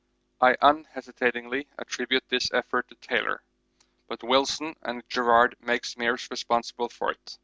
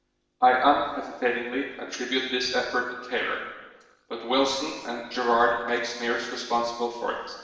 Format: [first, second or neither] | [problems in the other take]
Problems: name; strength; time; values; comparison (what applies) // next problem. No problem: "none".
first | room echo; dies away in 1.1 s